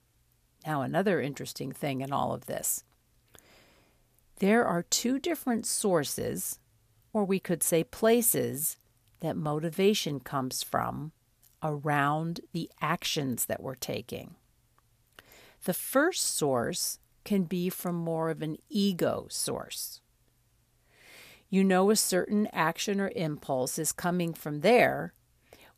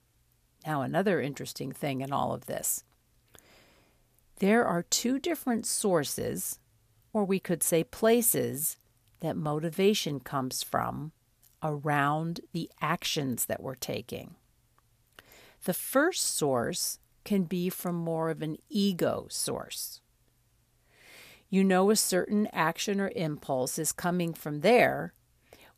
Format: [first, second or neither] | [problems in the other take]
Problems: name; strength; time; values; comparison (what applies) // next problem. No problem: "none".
neither | none